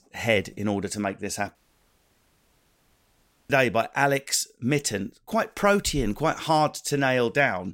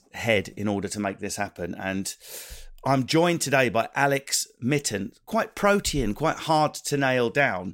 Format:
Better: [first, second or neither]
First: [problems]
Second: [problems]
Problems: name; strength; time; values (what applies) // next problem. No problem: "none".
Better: second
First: audio cutting out; at 1.5 s for 2 s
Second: none